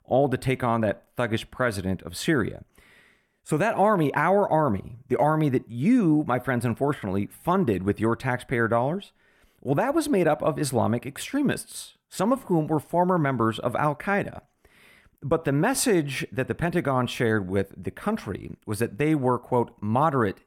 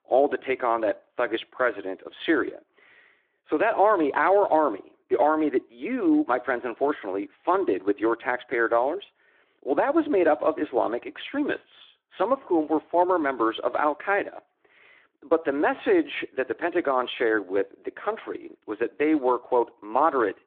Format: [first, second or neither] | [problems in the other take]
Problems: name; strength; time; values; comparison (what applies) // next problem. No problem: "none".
first | phone-call audio